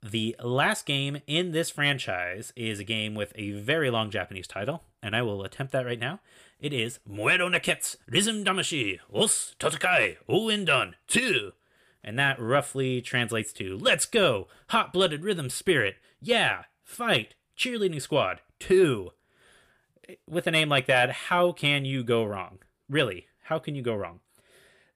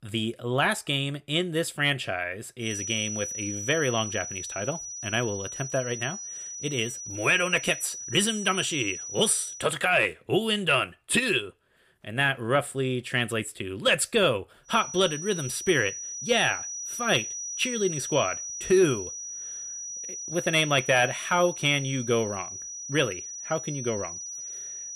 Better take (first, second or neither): first